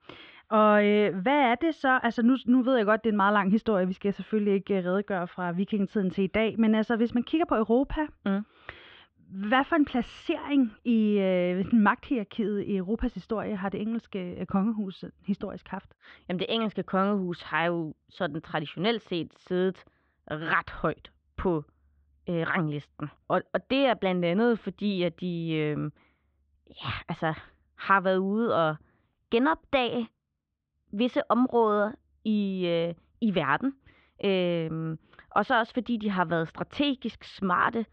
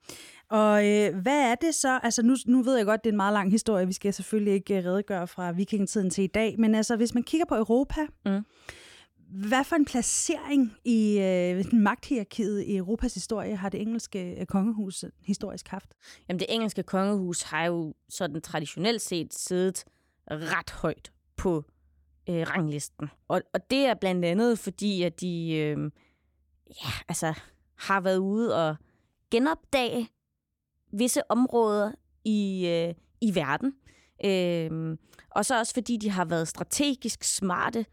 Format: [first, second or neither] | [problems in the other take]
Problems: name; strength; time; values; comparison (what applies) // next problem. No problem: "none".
second | muffled; very; fading above 3.5 kHz